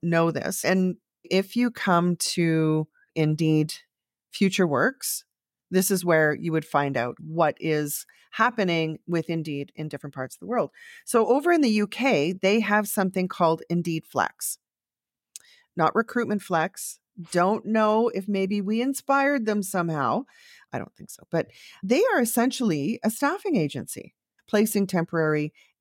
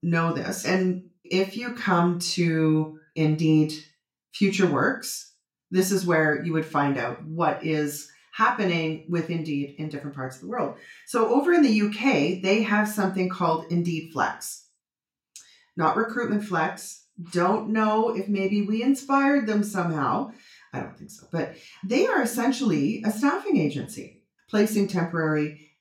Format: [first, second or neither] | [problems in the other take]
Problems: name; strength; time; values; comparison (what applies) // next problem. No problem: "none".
first | room echo; slight; dies away in 0.3 s // off-mic speech; far